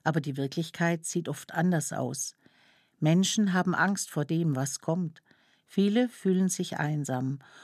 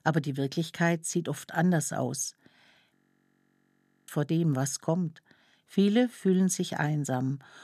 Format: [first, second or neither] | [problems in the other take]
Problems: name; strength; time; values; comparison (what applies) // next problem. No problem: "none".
first | audio freezing; at 3 s for 1 s